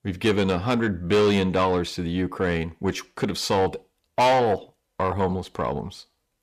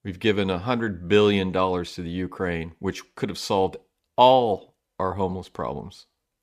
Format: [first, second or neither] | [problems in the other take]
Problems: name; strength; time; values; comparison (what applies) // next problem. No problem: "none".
second | distortion; heavy; 7 dB below the speech